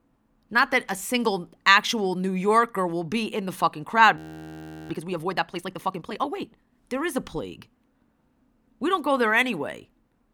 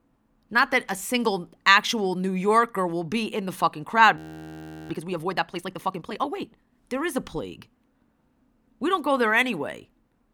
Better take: neither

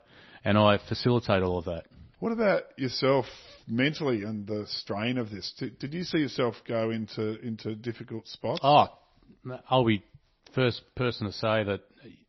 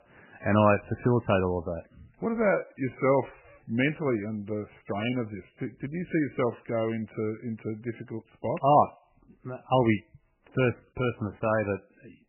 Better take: first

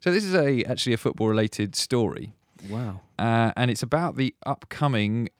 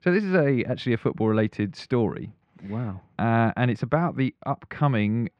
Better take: first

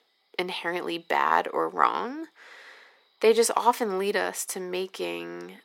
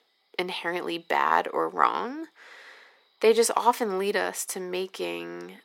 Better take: neither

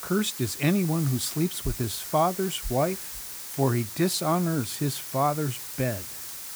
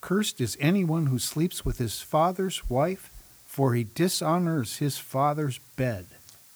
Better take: second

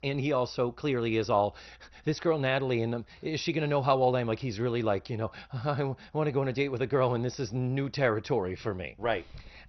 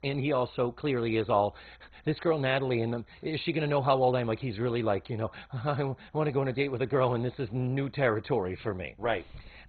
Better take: first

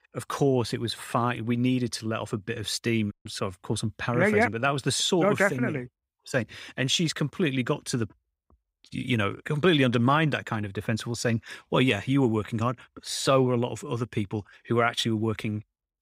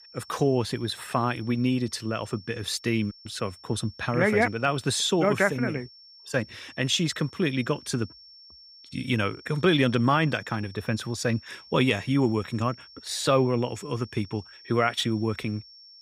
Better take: first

